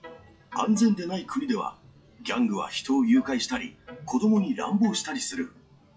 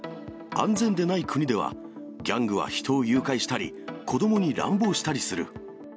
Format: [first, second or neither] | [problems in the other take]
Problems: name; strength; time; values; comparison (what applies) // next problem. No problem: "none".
second | noise reduction (classical method WPE with log-MMSE)